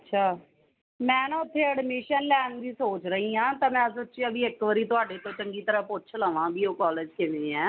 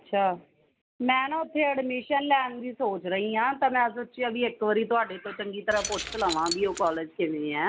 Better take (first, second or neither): first